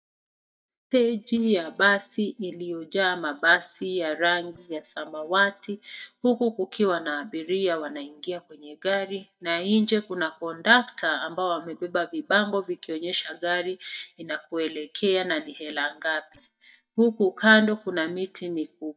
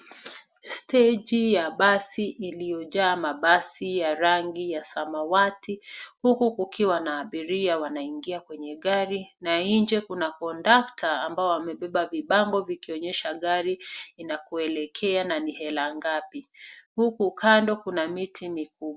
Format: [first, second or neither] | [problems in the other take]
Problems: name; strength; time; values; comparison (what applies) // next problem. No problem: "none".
second | noise reduction (neural mask model DeepFilterNet 3)